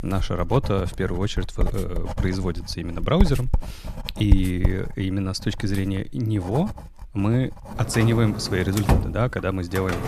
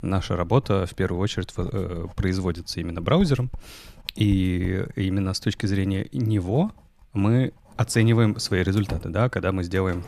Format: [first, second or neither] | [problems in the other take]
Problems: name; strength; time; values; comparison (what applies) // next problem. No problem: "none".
second | household noises; loud; throughout; 5 dB below the speech; faint in the second